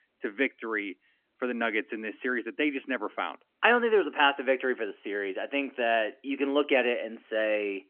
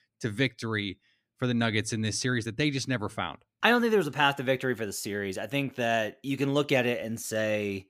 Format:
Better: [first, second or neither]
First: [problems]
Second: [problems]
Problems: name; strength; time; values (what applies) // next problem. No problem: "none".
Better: second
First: phone-call audio; nothing above 3 kHz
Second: none